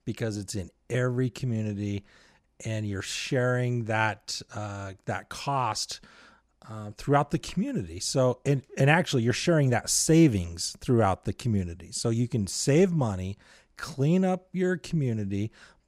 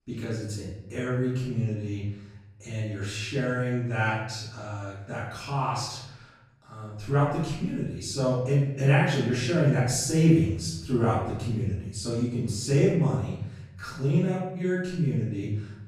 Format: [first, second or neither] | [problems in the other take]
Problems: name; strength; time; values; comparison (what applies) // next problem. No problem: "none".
first | off-mic speech; far // room echo; noticeable; dies away in 0.8 s